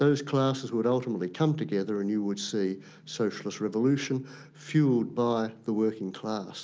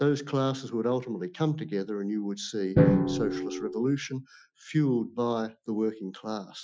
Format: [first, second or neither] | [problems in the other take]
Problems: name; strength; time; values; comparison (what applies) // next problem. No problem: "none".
first | noise reduction (classical method Wiener filter)